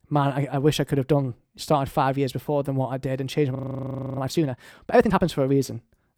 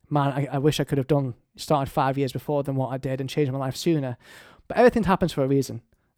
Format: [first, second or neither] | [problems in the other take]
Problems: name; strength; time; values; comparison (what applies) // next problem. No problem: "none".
second | audio freezing; at 3.5 s for 0.5 s